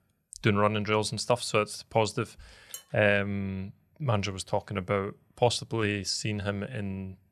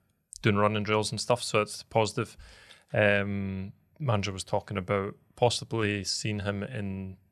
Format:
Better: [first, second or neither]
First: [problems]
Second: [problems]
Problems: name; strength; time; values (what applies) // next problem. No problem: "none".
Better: second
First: clattering dishes; faint; at 2.5 s; peak 15 dB below the speech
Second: none